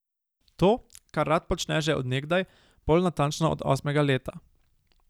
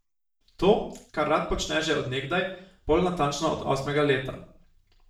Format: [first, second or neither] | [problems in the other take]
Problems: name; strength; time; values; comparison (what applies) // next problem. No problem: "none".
first | room echo; dies away in 0.5 s